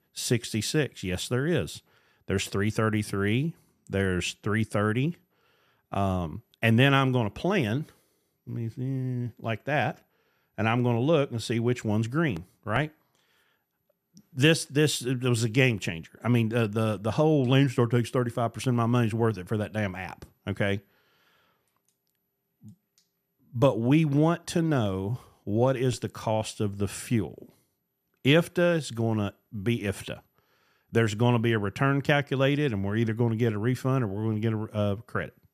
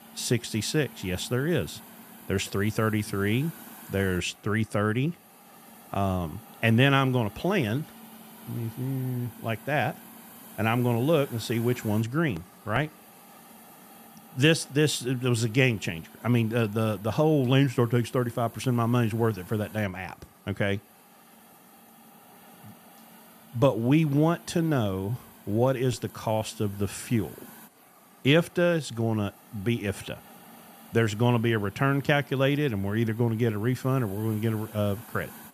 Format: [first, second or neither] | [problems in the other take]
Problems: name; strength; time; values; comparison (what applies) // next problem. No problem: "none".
first | hiss; faint; throughout; 20 dB below the speech